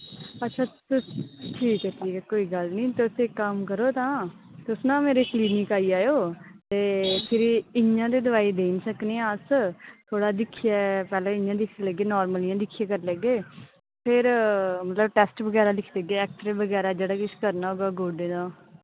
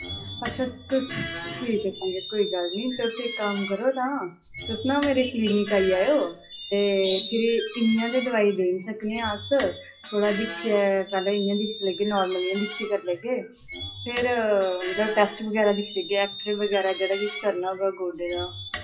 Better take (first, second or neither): first